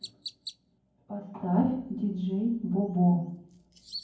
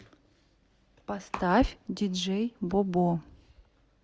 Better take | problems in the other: second | background sound (Chirp, tweet); 19 dB below the speech // room echo; dies away in 0.9 s

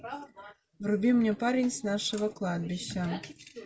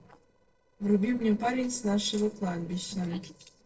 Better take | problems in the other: first | noise reduction (neural separator model SepFormer DNS4)

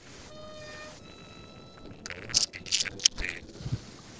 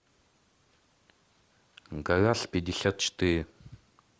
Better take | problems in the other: second | noise reduction (neural separator model SepFormer DNS4)

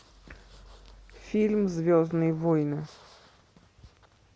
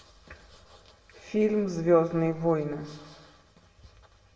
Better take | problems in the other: first | room echo; dies away in 0.6 s

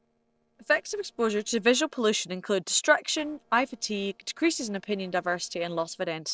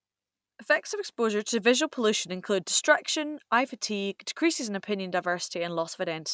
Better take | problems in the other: second | noise reduction (neural separator model SepFormer DNS4)

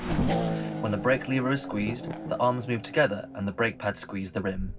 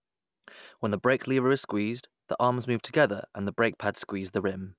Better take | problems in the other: second | background sound (Race car, auto racing / Accelerating, revving, vroom); 4 dB below the speech // room echo; dies away in 0.3 s

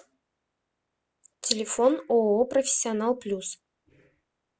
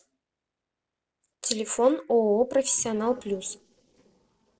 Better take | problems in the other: first | noise reduction (neural separator model SepFormer DNS4)

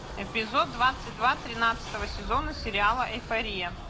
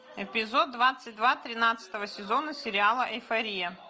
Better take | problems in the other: second | background sound (Train); 9 dB below the speech

